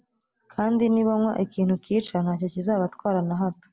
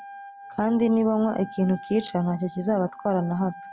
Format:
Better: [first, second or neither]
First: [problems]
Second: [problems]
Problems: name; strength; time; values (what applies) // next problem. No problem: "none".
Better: first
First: none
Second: background sound (Wind instrument, woodwind instrument); 17 dB below the speech